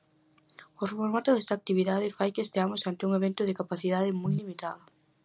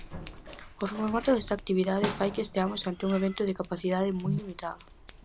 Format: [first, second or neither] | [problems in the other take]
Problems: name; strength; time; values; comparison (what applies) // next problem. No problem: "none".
first | background sound (Scissors); 12 dB below the speech